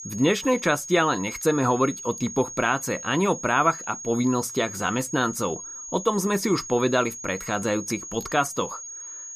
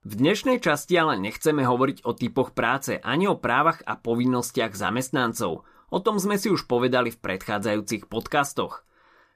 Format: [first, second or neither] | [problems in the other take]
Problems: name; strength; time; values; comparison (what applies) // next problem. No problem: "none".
second | high-pitched whine; noticeable; throughout; 6.5 kHz, 10 dB below the speech